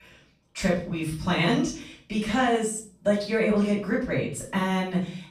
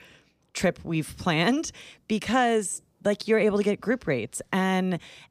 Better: second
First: room echo; noticeable; dies away in 0.4 s // off-mic speech; far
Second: none

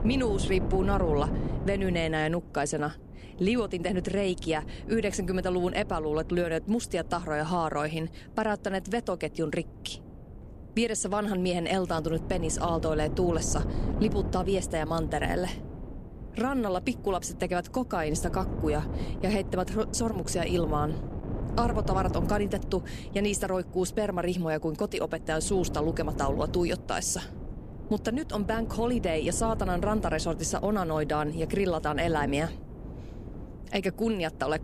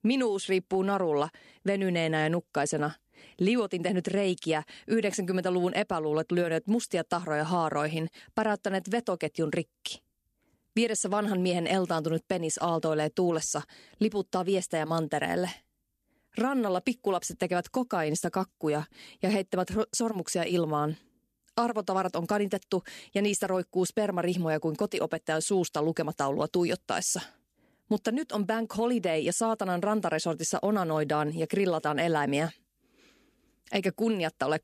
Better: second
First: wind noise on the microphone; occasional gusts; 15 dB below the speech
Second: none

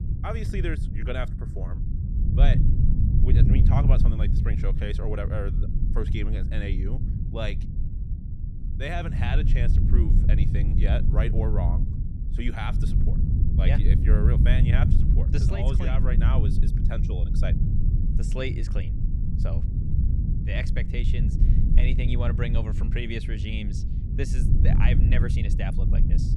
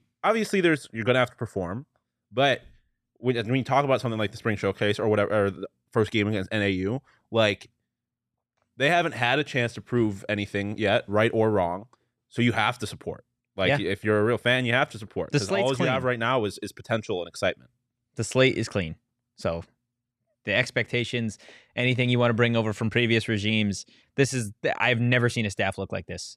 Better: second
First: low rumble; loud; throughout; 3 dB below the speech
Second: none

